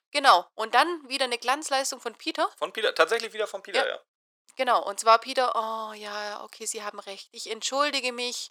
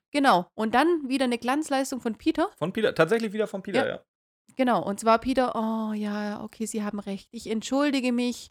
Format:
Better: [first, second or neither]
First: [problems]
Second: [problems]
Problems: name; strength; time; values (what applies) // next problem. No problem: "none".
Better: second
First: thin; very; fading below 500 Hz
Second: none